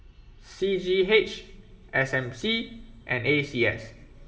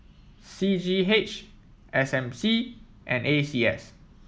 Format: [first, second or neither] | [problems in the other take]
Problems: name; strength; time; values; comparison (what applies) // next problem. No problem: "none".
second | room echo; dies away in 1.2 s